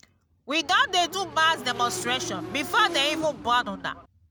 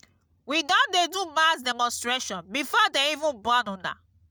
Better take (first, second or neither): second